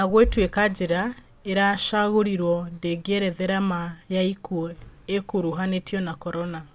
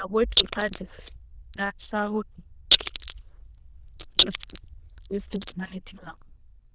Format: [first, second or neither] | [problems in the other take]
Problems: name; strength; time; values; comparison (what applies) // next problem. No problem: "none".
first | noise reduction (neural diffusion model UNIVERSE++)